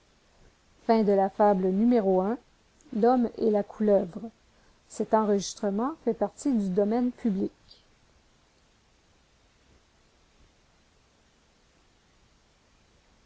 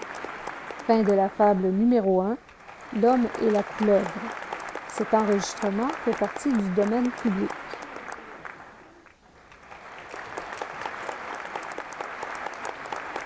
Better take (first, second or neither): first